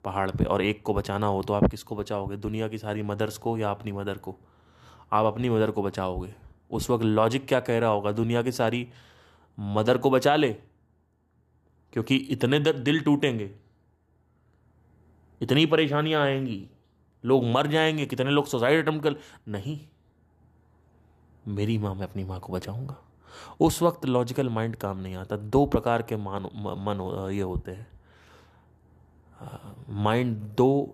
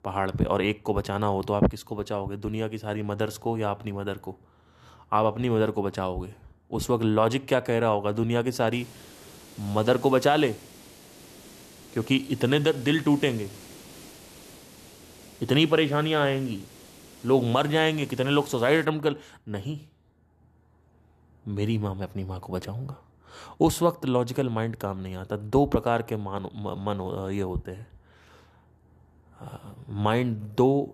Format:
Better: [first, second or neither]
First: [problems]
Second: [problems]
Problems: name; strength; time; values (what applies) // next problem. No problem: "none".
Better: first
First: none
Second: hiss; faint; from 8.5 to 19 s; 20 dB below the speech